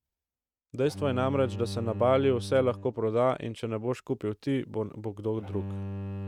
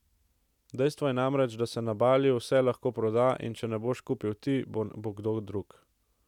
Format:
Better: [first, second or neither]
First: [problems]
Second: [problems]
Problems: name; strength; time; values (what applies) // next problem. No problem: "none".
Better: second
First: noise reduction (neural mask model RNNoise)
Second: none